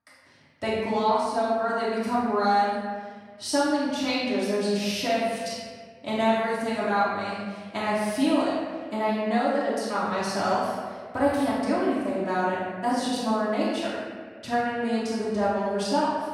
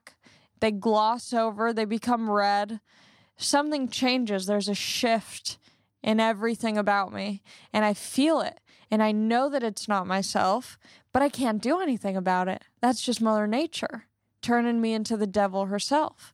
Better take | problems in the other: second | room echo; strong; dies away in 1.6 s // off-mic speech; far

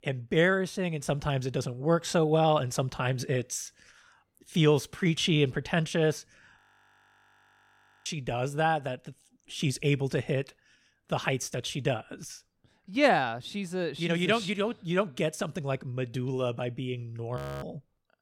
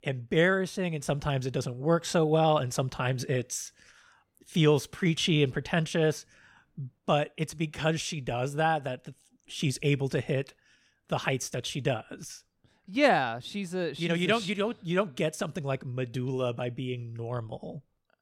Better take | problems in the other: second | audio freezing; at 6.5 s for 1.5 s and at 17 s

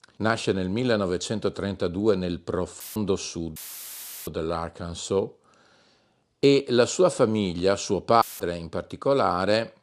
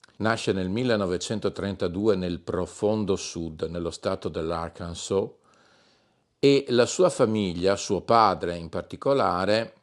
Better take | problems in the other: second | audio cutting out; filled with static; at 3 s, at 3.5 s for 0.5 s and at 8 s

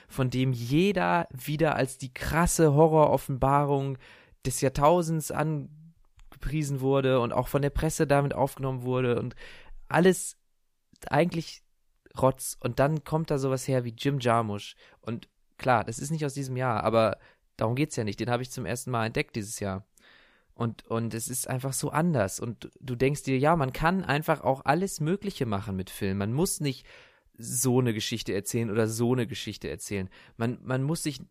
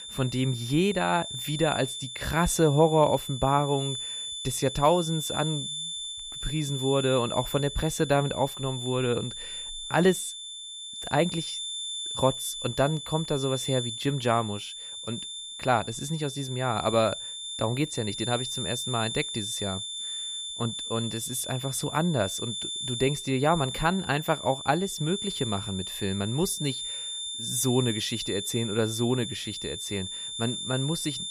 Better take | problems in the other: first | high-pitched whine; loud; throughout; 3.5 kHz, 6 dB below the speech

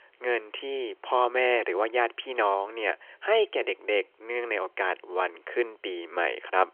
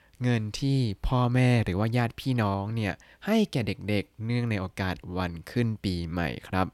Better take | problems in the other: second | phone-call audio; nothing above 3.5 kHz

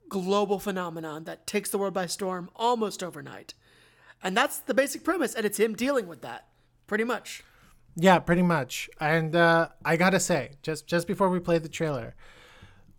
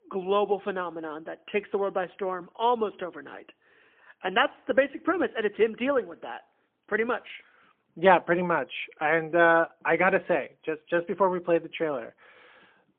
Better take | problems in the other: first | phone-call audio; poor line; nothing above 3.5 kHz

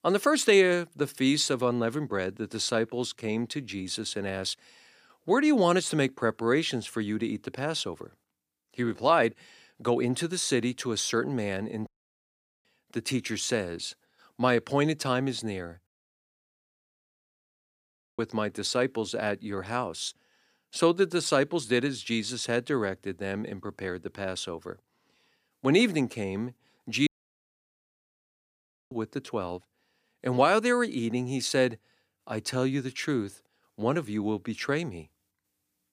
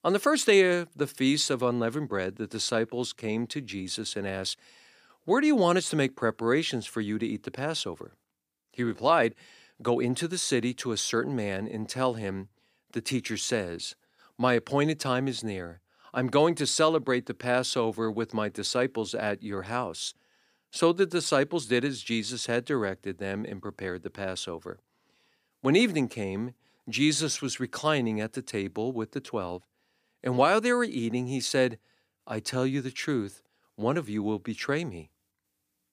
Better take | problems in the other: second | audio cutting out; at 12 s for 1 s, at 16 s for 2.5 s and at 27 s for 2 s

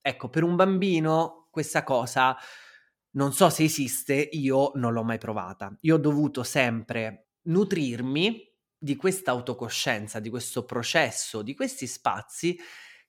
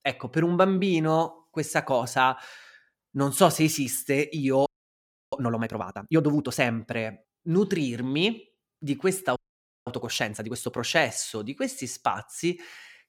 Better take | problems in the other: first | audio freezing; at 4.5 s for 0.5 s and at 9.5 s for 0.5 s

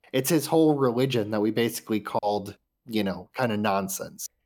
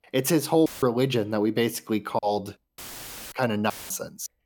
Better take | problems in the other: first | audio cutting out; filled with static; at 0.5 s, at 3 s for 0.5 s and at 3.5 s

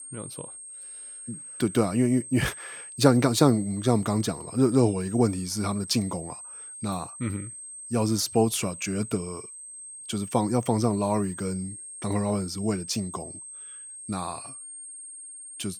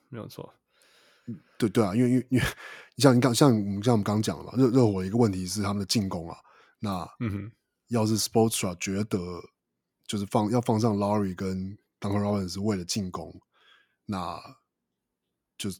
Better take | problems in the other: second | high-pitched whine; noticeable; throughout; 8.5 kHz, 10 dB below the speech

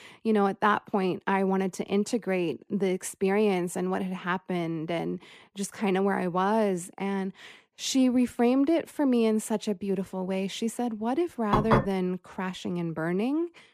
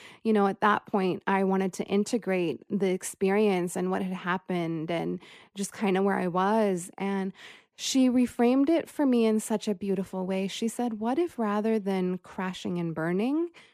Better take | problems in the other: second | clattering dishes; loud; at 12 s; peak 3 dB above the speech

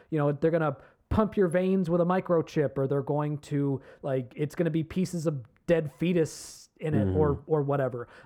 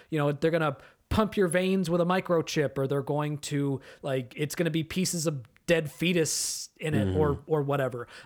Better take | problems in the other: second | muffled; slightly; fading above 2 kHz

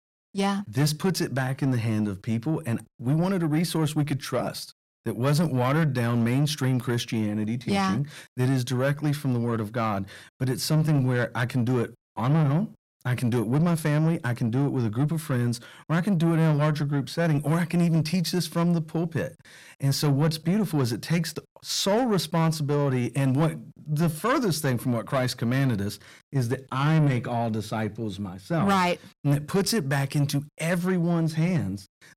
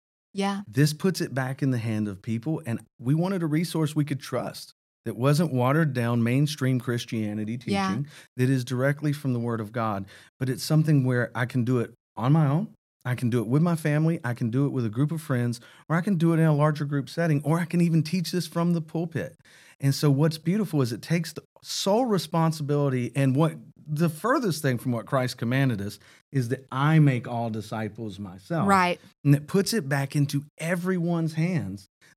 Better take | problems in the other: second | distortion; slight; 10 dB below the speech

